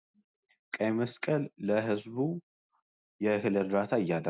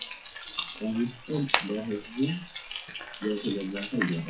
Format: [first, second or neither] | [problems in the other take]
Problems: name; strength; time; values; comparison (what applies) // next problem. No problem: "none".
first | noise reduction (classical method WPE with log-MMSE)